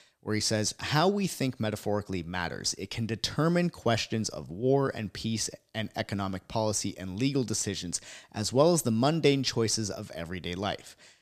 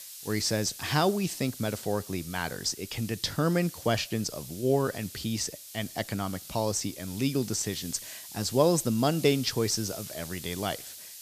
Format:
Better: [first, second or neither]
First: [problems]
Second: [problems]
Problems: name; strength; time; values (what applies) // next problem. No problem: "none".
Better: first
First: none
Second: hiss; noticeable; throughout; 10 dB below the speech